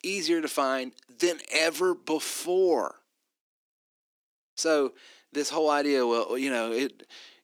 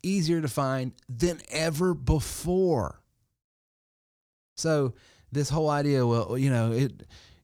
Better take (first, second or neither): second